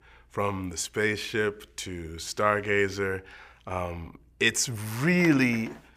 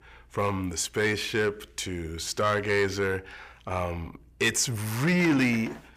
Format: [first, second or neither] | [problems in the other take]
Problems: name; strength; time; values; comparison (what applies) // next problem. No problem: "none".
first | distortion; slight; 10 dB below the speech